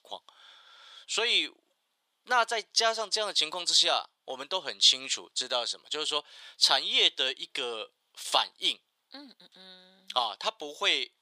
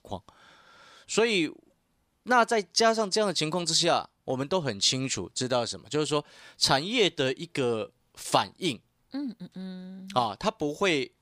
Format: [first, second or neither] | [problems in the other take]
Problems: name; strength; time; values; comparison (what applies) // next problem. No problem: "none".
second | thin; very; fading below 650 Hz